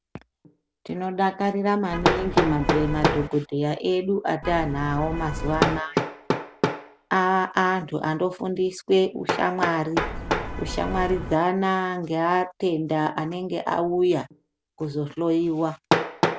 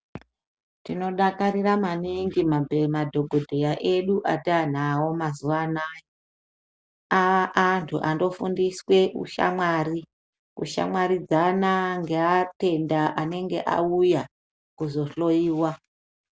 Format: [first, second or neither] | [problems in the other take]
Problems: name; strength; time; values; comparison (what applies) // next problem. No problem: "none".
second | background sound (Hammer + Vehicle horn, car horn, honking); 5 dB below the speech